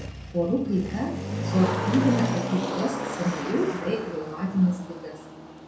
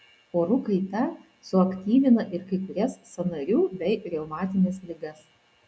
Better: second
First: background sound (Motor vehicle (road)); 5 dB below the speech // room echo; dies away in 0.5 s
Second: none

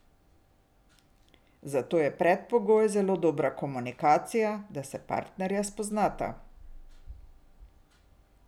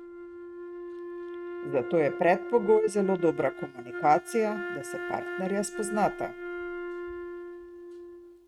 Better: first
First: none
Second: noise reduction (neural mask model RNNoise)

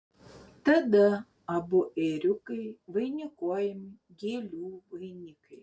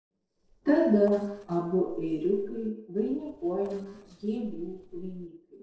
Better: first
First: none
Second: noise reduction (neural separator model SepFormer DNS4)

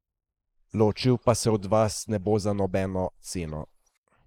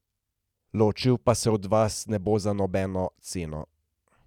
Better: second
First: noise reduction (neural mask model Resemble Enhance denoiser)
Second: none

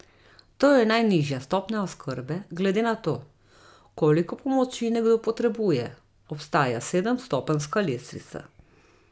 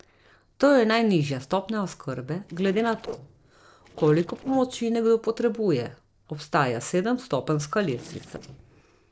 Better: first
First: none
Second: noise reduction (neural separator model SepFormer DNS4)

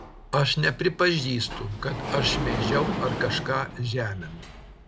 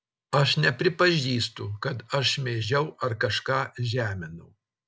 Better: second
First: background sound (Sliding door); 6 dB below the speech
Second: none

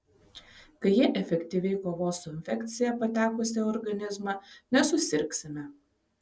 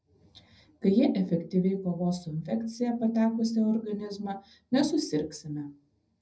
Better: first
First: none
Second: room echo; dies away in 0.4 s

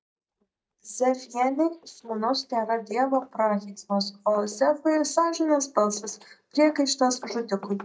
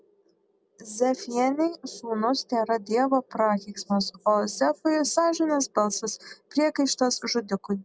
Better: second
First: noise reduction (neural mask model DeepFilterNet 3)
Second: none

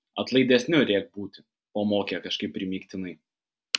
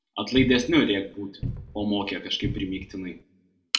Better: first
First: none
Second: background sound (Cupboard open or close); 9 dB below the speech // room echo; dies away in 0.3 s

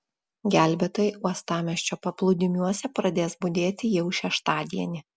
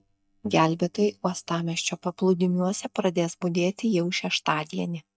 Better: first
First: none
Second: noise reduction (neural mask model DeepFilterNet 3)

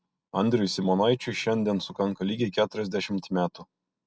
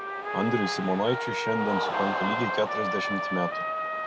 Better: first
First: none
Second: background sound (Trumpet + Cheering); as loud as the speech

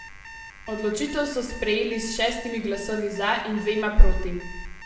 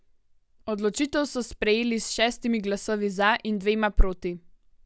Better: second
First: background sound (Alarm); 19 dB below the speech // room echo; dies away in 0.8 s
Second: none

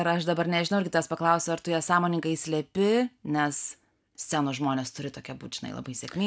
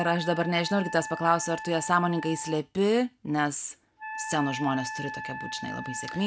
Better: first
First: none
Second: background sound (Wind instrument, woodwind instrument); 11 dB below the speech

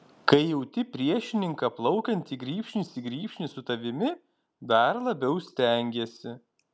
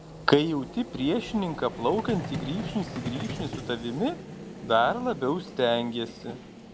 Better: first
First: none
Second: background sound (Vehicle); 10 dB below the speech

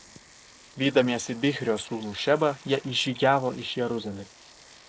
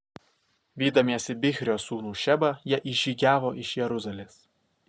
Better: second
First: noise reduction (neural mask model Resemble Enhance denoiser)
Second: none

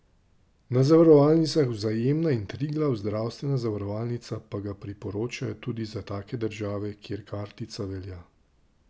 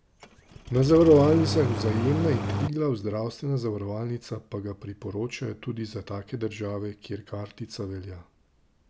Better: first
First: none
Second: background sound (Engine starting); 3 dB below the speech

